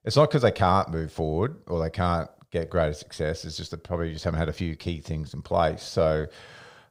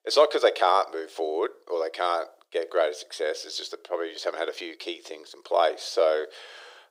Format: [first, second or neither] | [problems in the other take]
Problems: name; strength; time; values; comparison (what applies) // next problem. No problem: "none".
first | thin; very; fading below 350 Hz